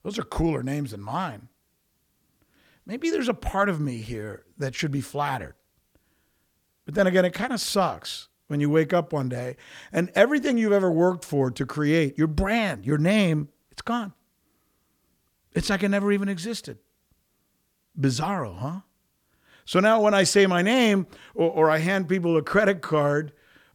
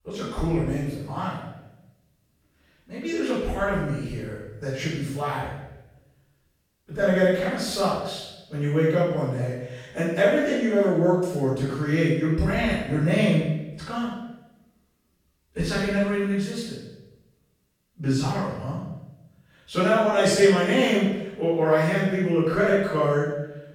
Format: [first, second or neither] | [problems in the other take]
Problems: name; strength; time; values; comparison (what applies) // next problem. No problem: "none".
first | off-mic speech; far // room echo; strong; dies away in 0.9 s